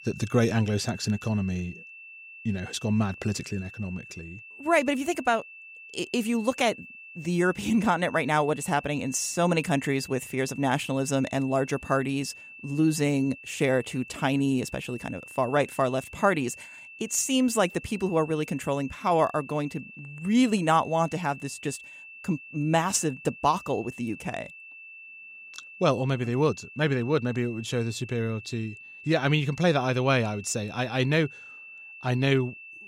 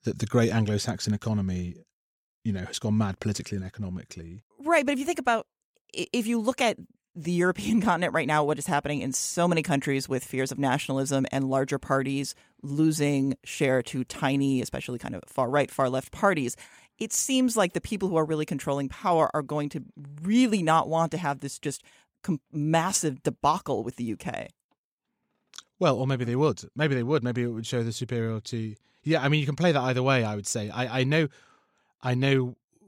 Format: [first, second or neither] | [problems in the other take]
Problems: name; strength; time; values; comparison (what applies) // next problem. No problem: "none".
second | high-pitched whine; noticeable; throughout; 2.5 kHz, 15 dB below the speech